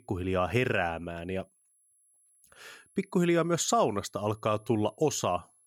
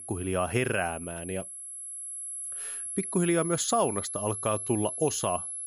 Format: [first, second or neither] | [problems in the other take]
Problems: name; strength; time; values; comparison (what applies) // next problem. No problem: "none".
first | high-pitched whine; loud; throughout; 11 kHz, 5 dB below the speech; faint in the first